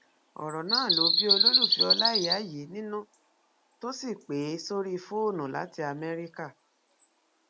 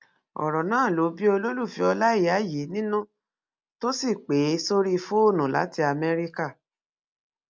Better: second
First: background sound (Bird vocalization, bird call, bird song); 4 dB above the speech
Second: none

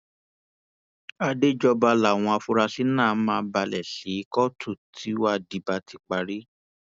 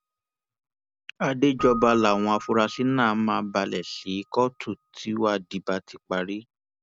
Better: first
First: none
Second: background sound (Keyboard (musical)); 16 dB below the speech

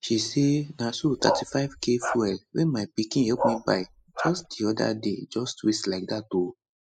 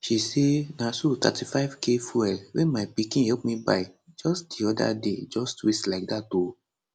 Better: second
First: noise reduction (classical method spectral subtraction)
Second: none

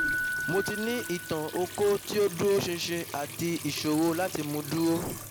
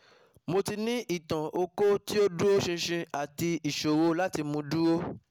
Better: second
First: background sound (Keyboard (musical) + Trickle, dribble / Sink (filling or washing) / Water tap, faucet); 7 dB below the speech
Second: none

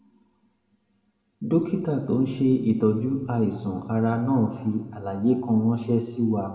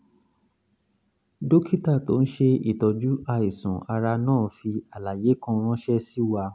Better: second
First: room echo; dies away in 1.5 s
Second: none

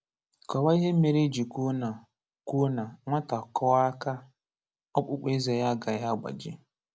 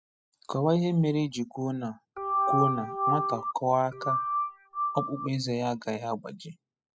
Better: first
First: none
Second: noise reduction (classical method spectral subtraction)

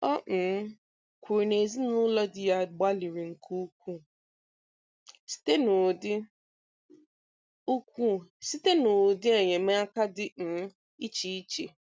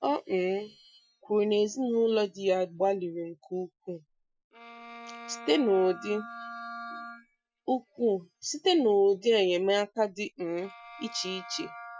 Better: first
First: none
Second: noise reduction (classical method Wiener filter)

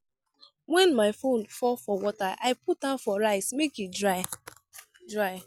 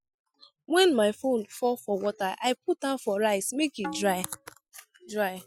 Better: first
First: none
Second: noise reduction (classical method spectral subtraction)

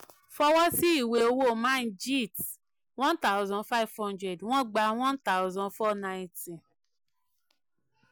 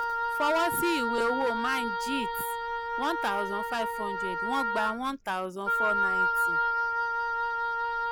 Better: first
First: none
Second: background sound (Wind instrument, woodwind instrument); 3 dB above the speech

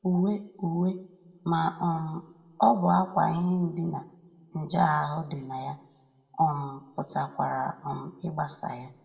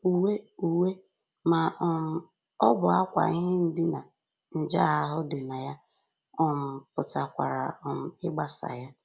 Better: second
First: room echo; dies away in 0.8 s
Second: none

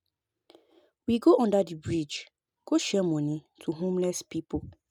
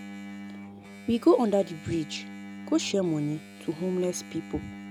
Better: first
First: none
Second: background sound (Engine); 14 dB below the speech

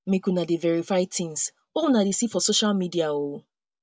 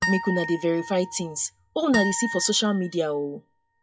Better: first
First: none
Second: noise reduction (classical method log-MMSE)

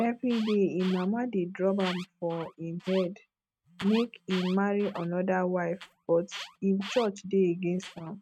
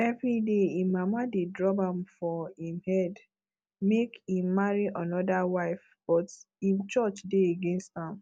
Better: second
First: noise reduction (neural mask model RNNoise)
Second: none

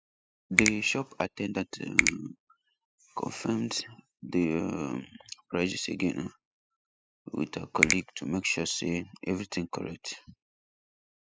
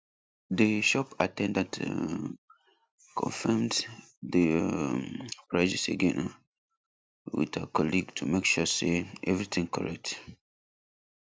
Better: second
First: noise reduction (classical method spectral subtraction)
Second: none

